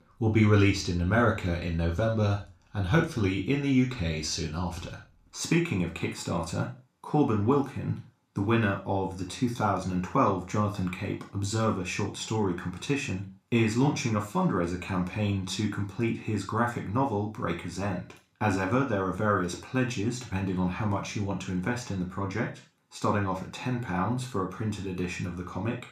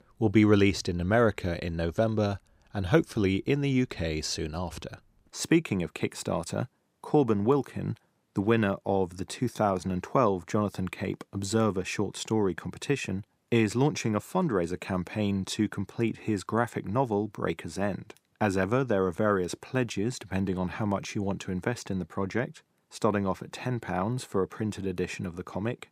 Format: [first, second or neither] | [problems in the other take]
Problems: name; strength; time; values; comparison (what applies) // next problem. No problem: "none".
second | room echo; slight; dies away in 0.3 s // off-mic speech; somewhat distant